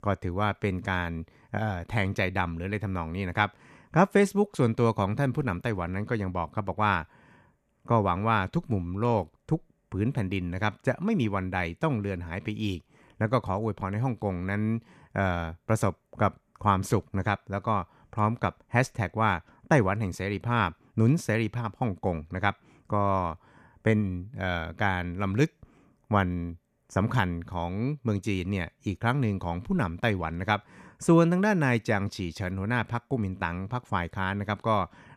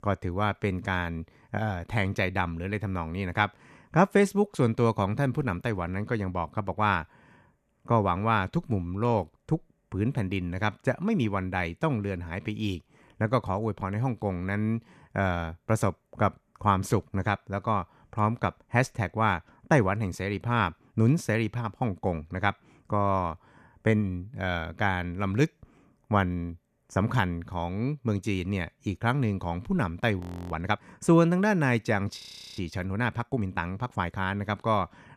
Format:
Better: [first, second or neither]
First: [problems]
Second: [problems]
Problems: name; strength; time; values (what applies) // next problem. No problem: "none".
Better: first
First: none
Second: audio freezing; at 30 s and at 32 s